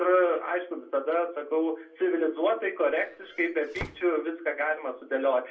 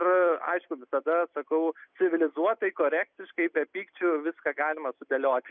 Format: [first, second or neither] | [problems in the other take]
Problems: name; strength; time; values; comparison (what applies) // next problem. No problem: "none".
second | background sound (Squeak / Slam / Wood); 16 dB below the speech // room echo; dies away in 0.2 s